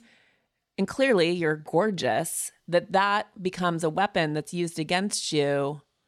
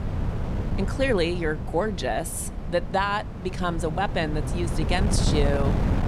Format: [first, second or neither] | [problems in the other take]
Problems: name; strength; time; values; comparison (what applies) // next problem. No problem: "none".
first | wind noise on the microphone; heavy; 9 dB below the speech